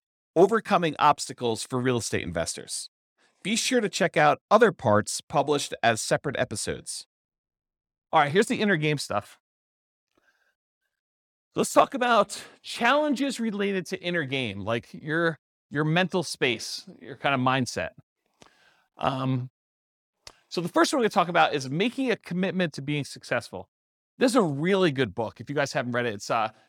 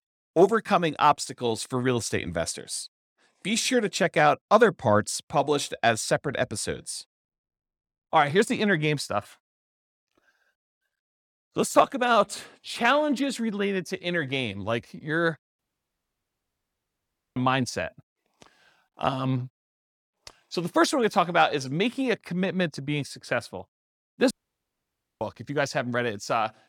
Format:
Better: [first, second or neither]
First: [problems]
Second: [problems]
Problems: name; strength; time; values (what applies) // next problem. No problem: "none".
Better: first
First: none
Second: audio cutting out; at 16 s for 2 s and at 24 s for 1 s